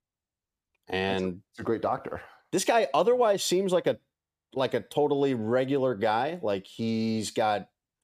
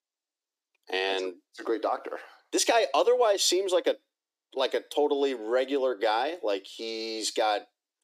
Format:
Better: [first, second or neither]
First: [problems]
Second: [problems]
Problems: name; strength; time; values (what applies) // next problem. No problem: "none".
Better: first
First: none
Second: thin; somewhat; fading below 300 Hz